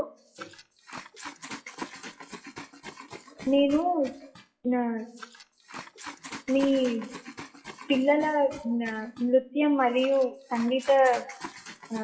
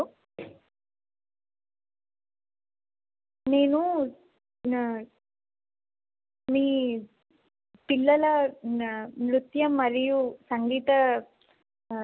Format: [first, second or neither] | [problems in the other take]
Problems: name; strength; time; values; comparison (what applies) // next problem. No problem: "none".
second | noise reduction (classical method WPE with log-MMSE)